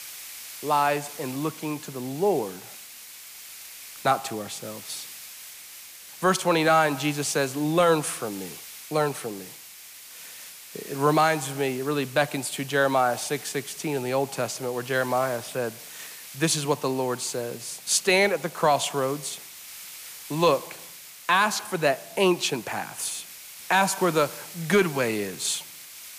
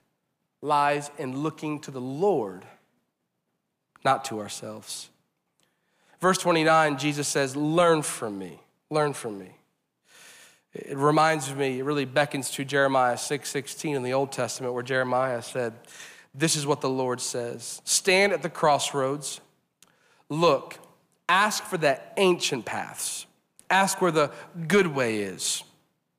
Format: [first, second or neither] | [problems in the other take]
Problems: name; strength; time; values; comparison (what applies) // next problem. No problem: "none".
second | hiss; noticeable; throughout; 15 dB below the speech